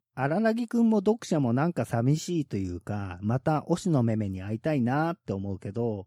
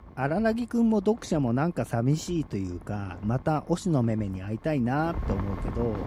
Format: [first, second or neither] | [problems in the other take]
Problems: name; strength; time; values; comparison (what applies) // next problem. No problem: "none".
first | wind noise on the microphone; occasional gusts; 15 dB below the speech